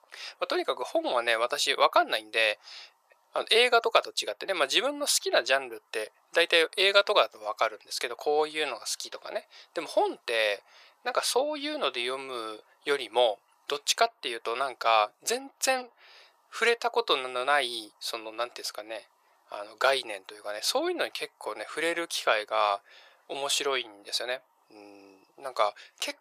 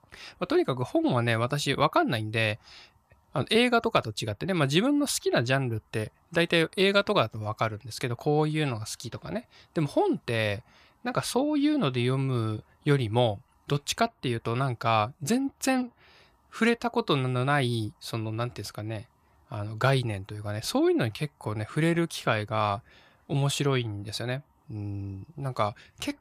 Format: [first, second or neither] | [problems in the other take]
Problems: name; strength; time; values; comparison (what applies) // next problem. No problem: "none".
second | thin; very; fading below 500 Hz